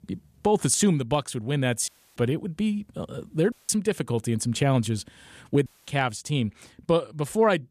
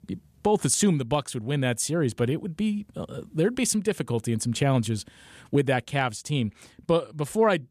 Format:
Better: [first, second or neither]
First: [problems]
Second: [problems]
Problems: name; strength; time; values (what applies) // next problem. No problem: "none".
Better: second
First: audio cutting out; at 2 s, at 3.5 s and at 5.5 s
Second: none